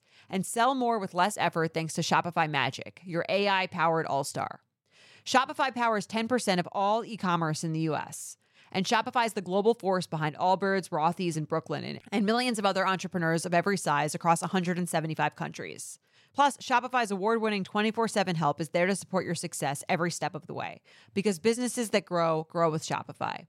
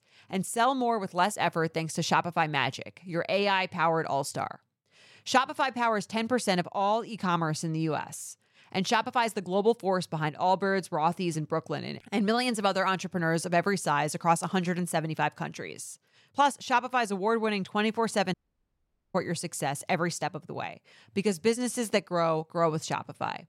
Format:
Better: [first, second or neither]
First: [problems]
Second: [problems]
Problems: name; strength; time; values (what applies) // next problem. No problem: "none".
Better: first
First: none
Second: audio cutting out; at 18 s for 1 s